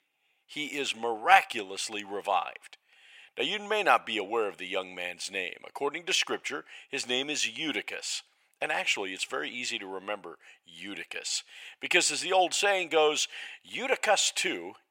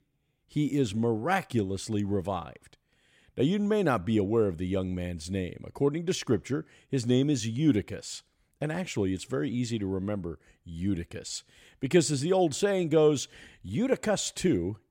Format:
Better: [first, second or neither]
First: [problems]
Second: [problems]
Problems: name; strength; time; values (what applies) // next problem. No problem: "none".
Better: second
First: thin; very; fading below 800 Hz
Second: none